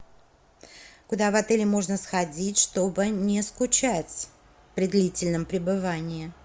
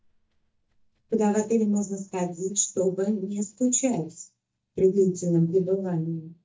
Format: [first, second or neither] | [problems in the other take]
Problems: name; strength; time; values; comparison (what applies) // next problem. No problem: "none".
first | noise reduction (neural mask model DeepFilterNet 3)